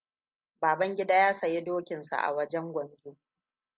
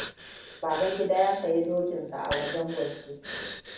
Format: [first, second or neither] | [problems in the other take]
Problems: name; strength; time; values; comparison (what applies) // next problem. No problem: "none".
first | background sound (Breathing); 11 dB below the speech // room echo; dies away in 0.7 s